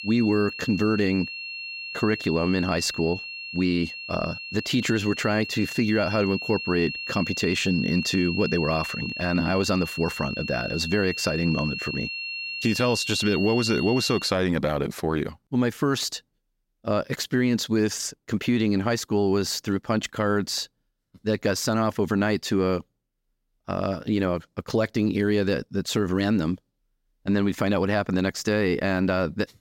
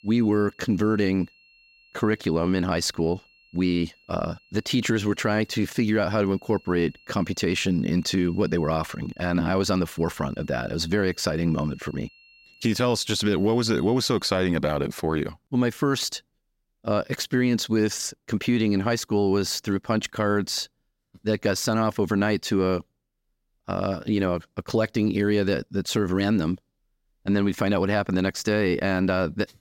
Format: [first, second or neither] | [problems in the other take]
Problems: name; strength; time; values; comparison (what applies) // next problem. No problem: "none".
second | high-pitched whine; loud; until 14 s; 2.5 kHz, 7 dB below the speech; faint in the second